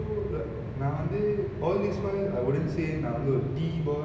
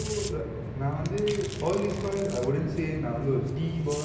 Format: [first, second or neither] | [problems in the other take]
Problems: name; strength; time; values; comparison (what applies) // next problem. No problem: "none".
first | background sound (Domestic sounds, home sounds); 16 dB below the speech